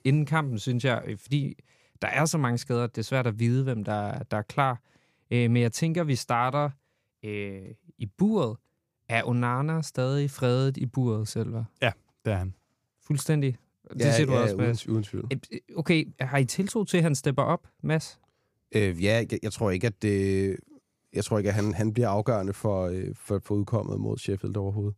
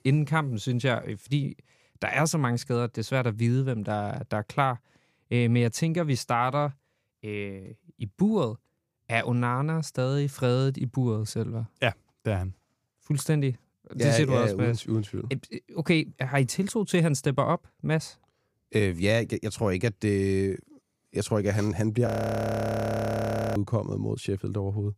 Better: first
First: none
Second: audio freezing; at 22 s for 1.5 s

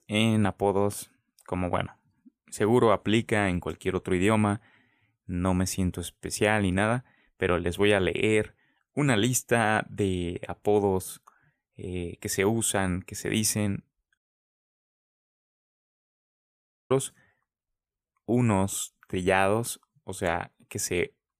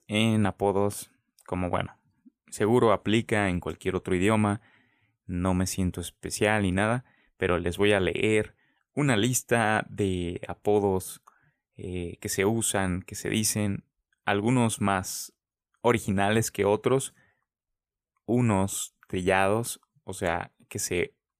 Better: second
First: audio cutting out; at 14 s for 2.5 s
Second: none

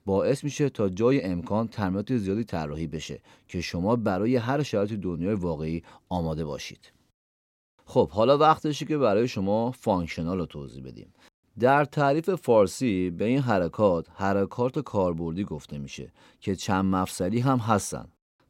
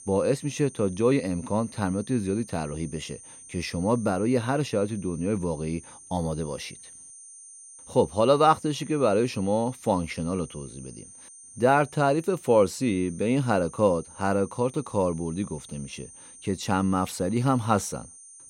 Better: first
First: none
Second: high-pitched whine; noticeable; throughout; 9 kHz, 20 dB below the speech

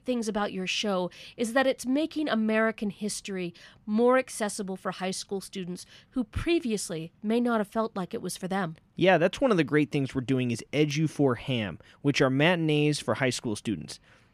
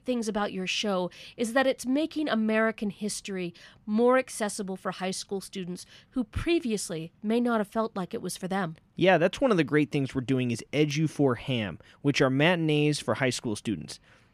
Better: neither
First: none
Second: none

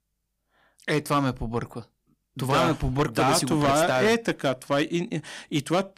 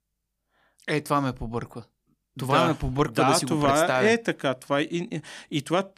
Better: second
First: distortion; slight; 6% of the sound clipped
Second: none

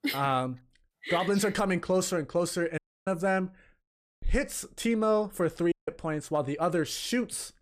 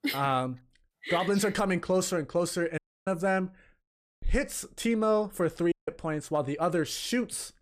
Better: neither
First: audio cutting out; at 3 s and at 5.5 s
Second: audio cutting out; at 3 s and at 5.5 s

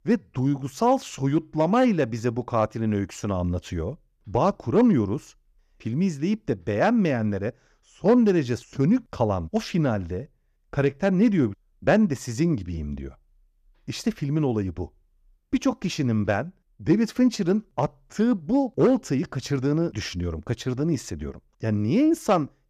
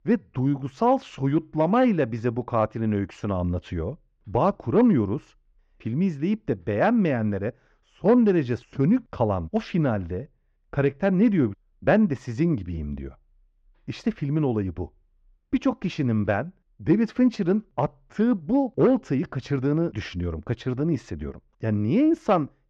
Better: first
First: none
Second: muffled; slightly; fading above 3 kHz

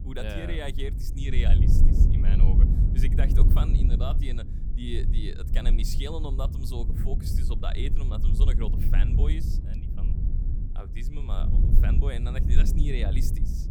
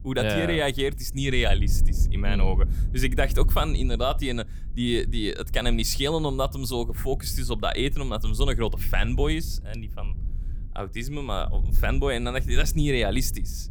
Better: second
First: low rumble; loud; throughout; 3 dB below the speech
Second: low rumble; faint; throughout; 20 dB below the speech

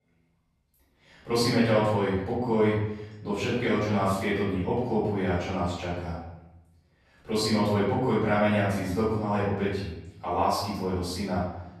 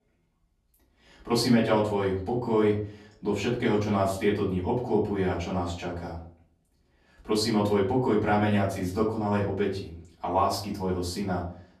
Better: second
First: room echo; strong; dies away in 0.8 s // off-mic speech; far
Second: room echo; slight; dies away in 0.4 s // off-mic speech; far

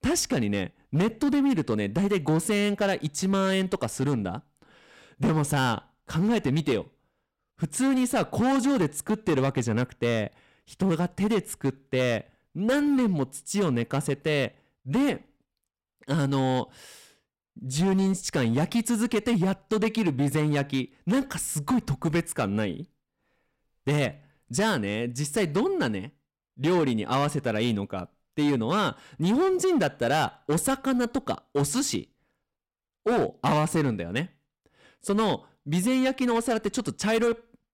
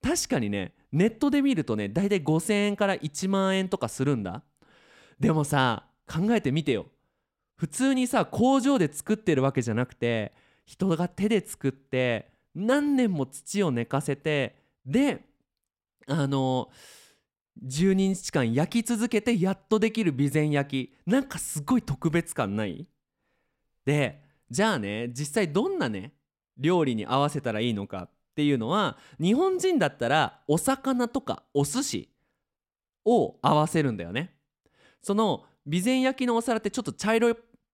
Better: second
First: distortion; slight; 9% of the sound clipped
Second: none

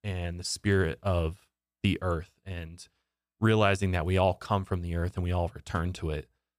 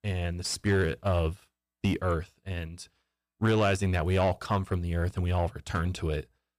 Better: first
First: none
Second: distortion; slight; 10 dB below the speech

